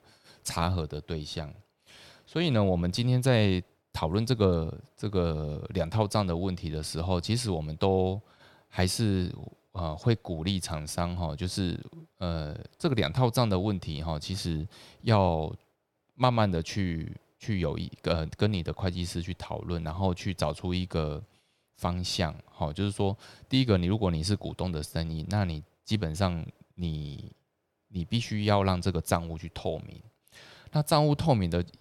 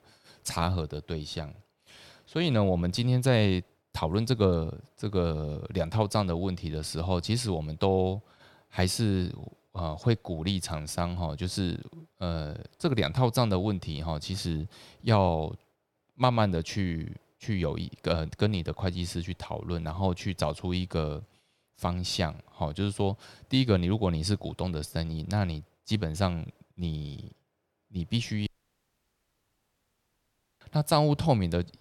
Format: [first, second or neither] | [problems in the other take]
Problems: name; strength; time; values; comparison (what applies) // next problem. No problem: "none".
first | audio cutting out; at 28 s for 2 s